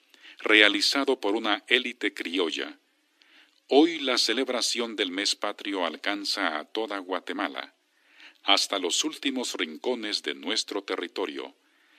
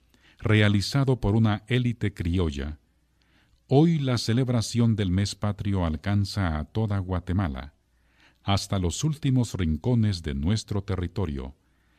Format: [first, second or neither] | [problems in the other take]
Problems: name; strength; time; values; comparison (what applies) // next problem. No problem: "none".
second | thin; very; fading below 300 Hz